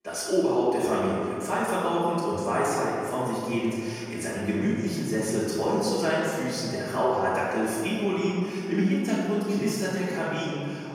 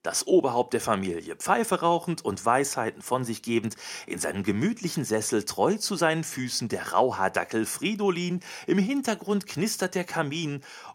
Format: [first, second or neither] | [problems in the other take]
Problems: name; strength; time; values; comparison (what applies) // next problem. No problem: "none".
second | off-mic speech; far // room echo; strong; dies away in 2.4 s